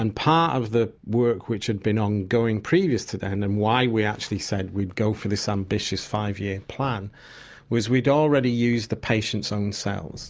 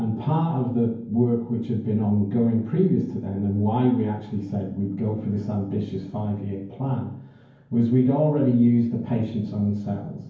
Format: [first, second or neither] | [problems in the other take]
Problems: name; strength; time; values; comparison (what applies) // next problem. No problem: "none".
first | room echo; dies away in 0.9 s